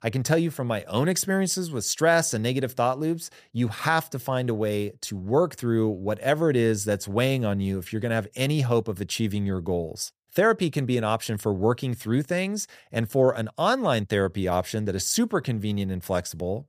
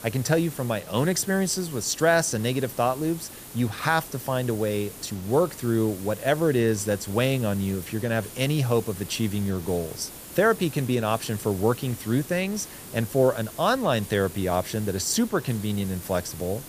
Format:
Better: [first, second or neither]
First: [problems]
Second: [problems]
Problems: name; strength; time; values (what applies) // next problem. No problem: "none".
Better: first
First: none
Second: hiss; noticeable; throughout; 15 dB below the speech